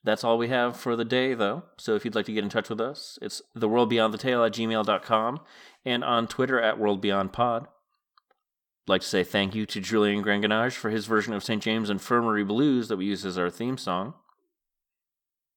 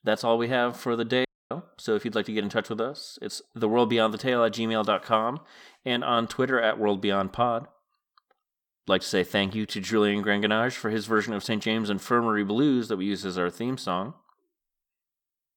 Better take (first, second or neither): first